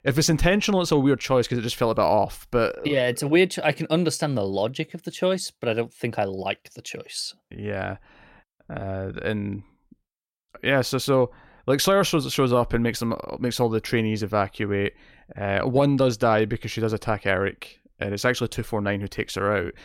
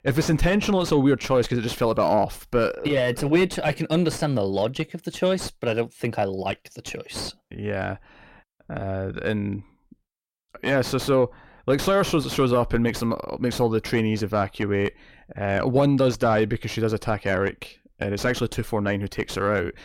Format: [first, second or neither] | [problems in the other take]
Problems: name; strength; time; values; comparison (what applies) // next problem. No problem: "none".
first | distortion; slight; 9 dB below the speech